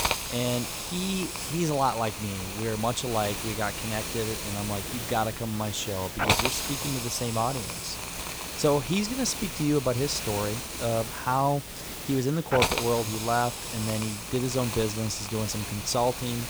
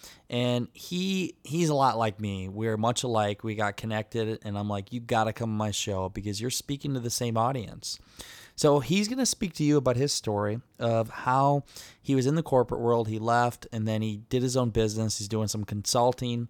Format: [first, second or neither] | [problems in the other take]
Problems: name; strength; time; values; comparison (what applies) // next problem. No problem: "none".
second | hiss; loud; throughout; 3 dB below the speech